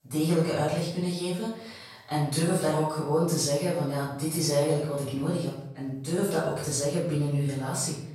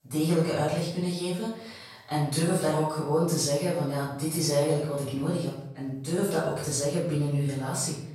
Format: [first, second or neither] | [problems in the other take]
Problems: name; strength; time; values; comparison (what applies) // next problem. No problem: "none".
neither | room echo; noticeable; dies away in 0.6 s; the same in both // off-mic speech; far; the same in both